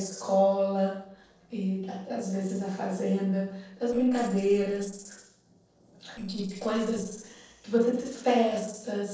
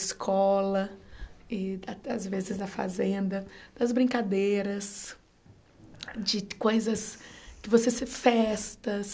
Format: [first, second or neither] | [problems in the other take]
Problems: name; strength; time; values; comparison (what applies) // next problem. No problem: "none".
second | noise reduction (neural separator model SepFormer DNS4)